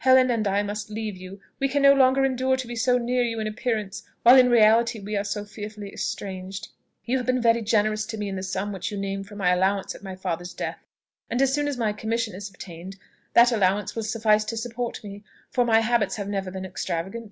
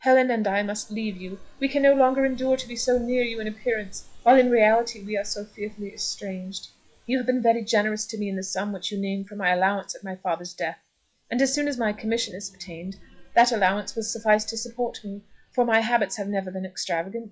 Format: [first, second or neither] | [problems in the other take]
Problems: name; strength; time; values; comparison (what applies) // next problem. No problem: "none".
first | noise reduction (classical method log-MMSE)